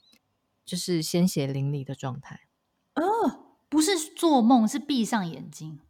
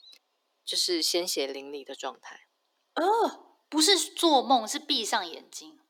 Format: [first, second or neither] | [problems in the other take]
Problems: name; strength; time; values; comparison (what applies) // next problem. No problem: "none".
first | thin; somewhat; fading below 350 Hz